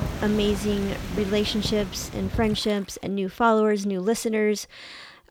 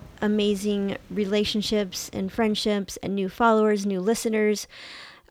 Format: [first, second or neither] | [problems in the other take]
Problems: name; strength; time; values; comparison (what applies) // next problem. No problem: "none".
second | rain or running water; loud; until 2.5 s; 9 dB below the speech; faint in the second